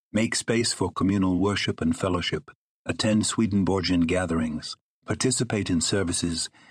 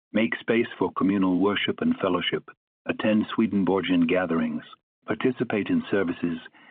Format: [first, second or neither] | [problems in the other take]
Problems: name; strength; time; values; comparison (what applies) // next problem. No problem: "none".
first | phone-call audio